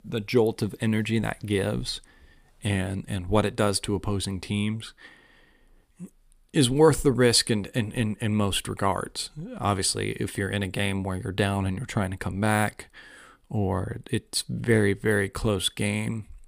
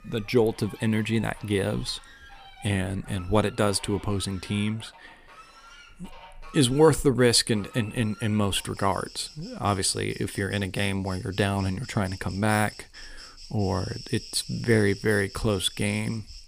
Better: first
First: none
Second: animal sounds; noticeable; throughout; 20 dB below the speech

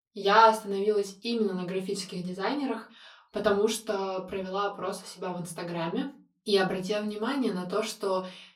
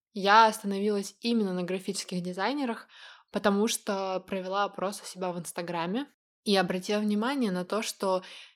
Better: second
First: off-mic speech; far // room echo; very slight; dies away in 0.4 s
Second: none

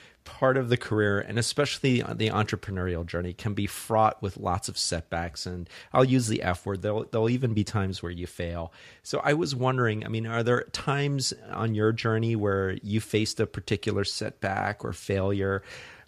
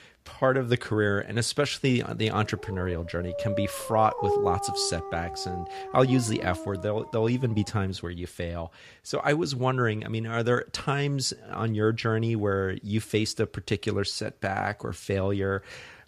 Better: first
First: none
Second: dog barking; loud; from 2.5 to 7 s; peak 1 dB above the speech

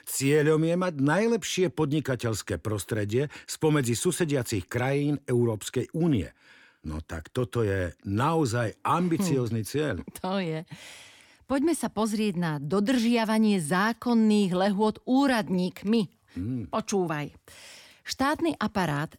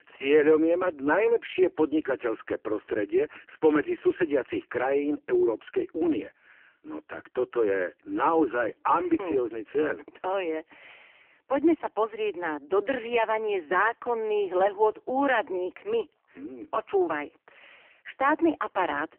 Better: first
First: none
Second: phone-call audio; poor line; nothing above 3 kHz

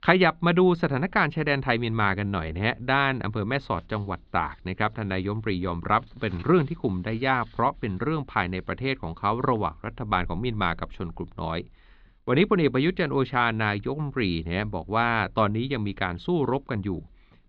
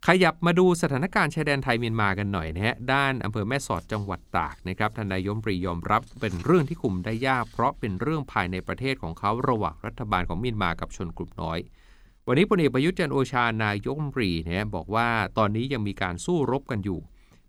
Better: second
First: muffled; very slightly; fading above 4 kHz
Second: none

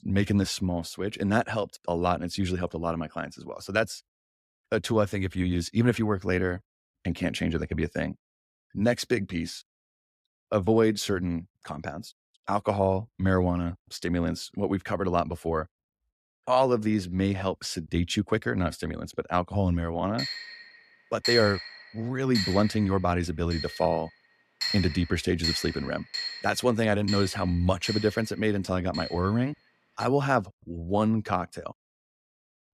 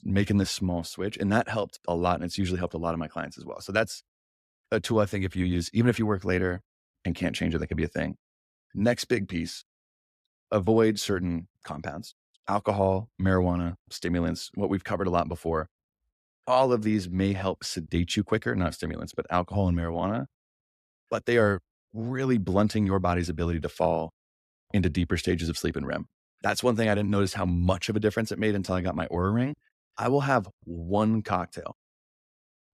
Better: second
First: clattering dishes; loud; from 20 to 30 s; peak 1 dB above the speech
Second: none

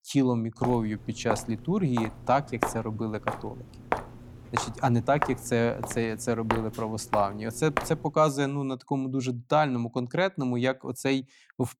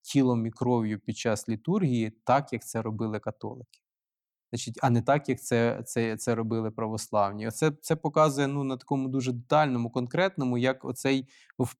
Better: second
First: footsteps; noticeable; from 0.5 to 8 s; peak 4 dB below the speech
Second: none

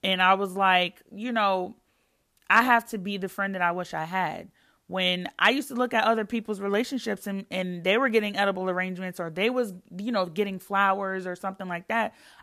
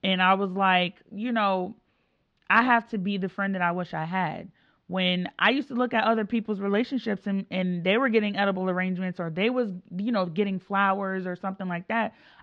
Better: first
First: none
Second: muffled; very slightly; fading above 4 kHz

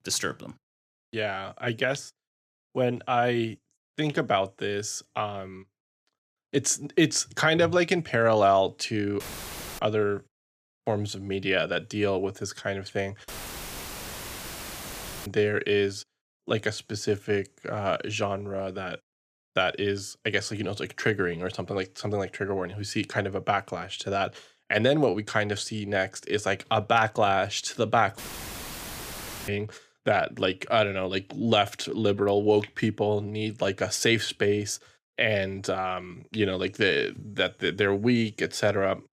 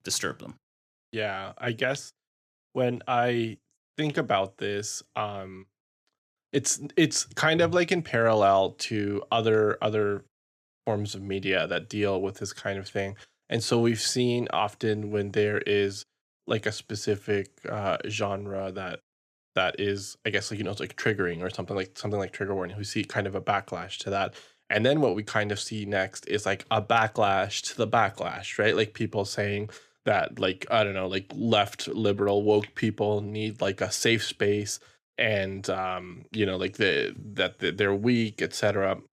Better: second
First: audio cutting out; filled with static; at 9 s for 0.5 s, at 13 s for 2 s and at 28 s for 1.5 s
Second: none

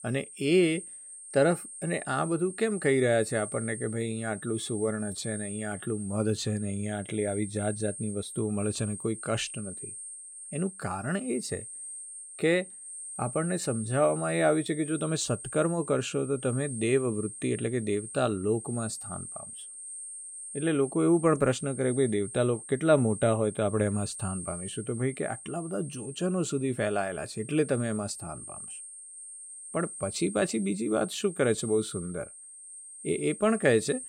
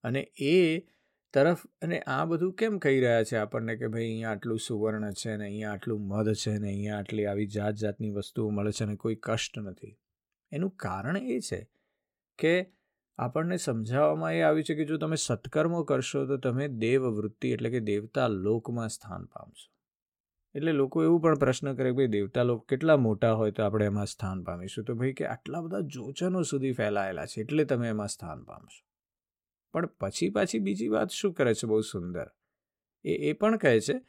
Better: second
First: high-pitched whine; noticeable; throughout; 8.5 kHz, 10 dB below the speech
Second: none

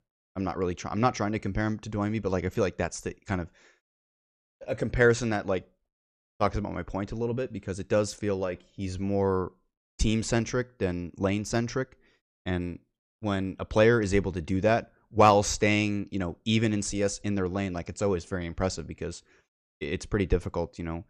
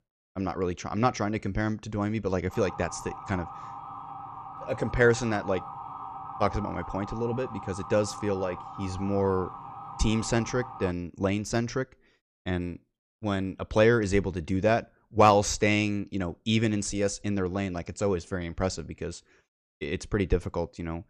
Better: first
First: none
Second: siren; faint; from 2.5 to 11 s; peak 10 dB below the speech

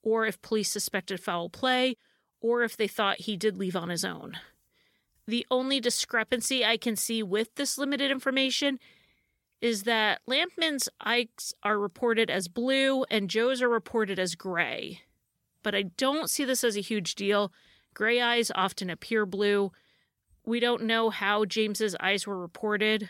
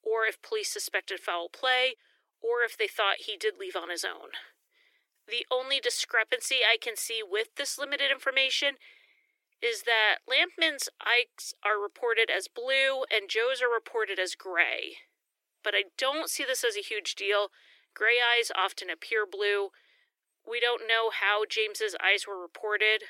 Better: first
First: none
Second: thin; very; fading below 300 Hz

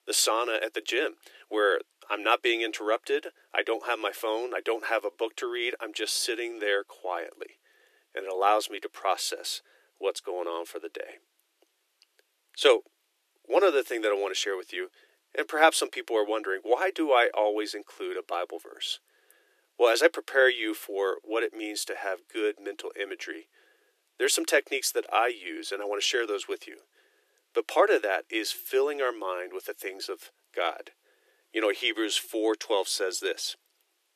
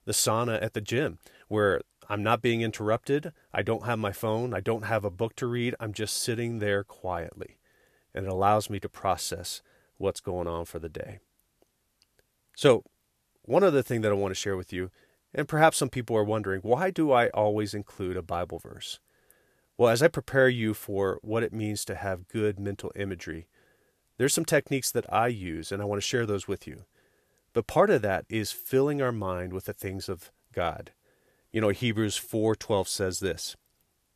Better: second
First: thin; very; fading below 300 Hz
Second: none

